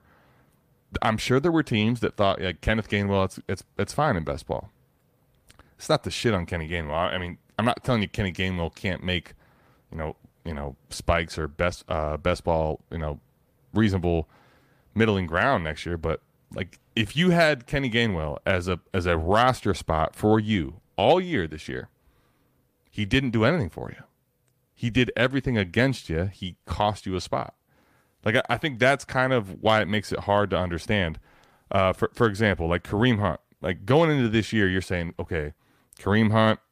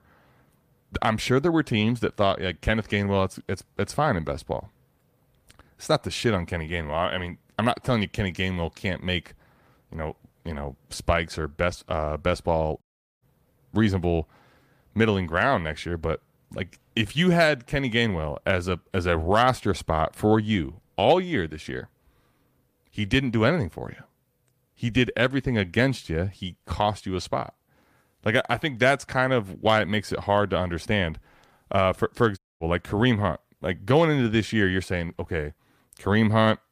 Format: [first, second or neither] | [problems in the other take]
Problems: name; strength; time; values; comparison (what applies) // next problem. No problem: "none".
first | audio cutting out; at 13 s and at 32 s